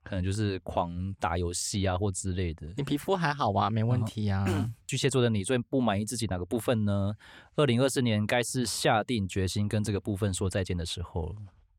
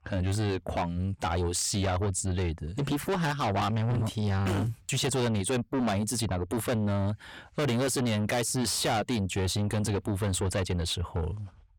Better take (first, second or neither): first